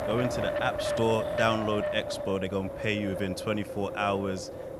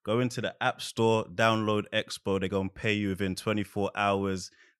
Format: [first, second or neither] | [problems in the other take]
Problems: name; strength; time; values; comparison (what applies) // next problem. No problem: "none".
second | wind noise on the microphone; heavy; 3 dB below the speech